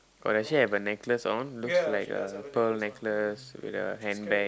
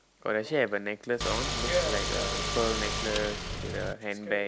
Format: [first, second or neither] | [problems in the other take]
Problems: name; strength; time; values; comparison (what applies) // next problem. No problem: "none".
first | background sound (Car); as loud as the speech